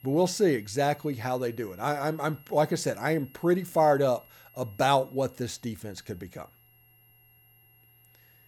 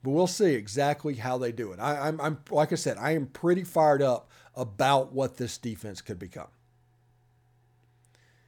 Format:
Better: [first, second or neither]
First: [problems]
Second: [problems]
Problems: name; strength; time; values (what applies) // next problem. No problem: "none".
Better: second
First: high-pitched whine; faint; throughout; 11.5 kHz, 30 dB below the speech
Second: none